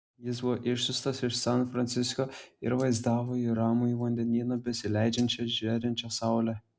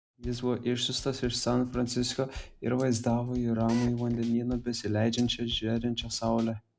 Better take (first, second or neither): first